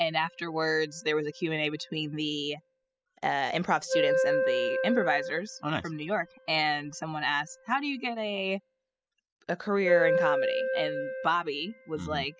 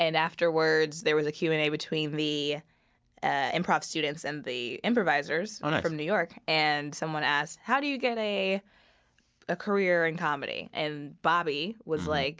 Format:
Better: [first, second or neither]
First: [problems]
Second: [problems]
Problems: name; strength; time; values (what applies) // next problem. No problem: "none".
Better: second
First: noise reduction (classical method spectral subtraction)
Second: none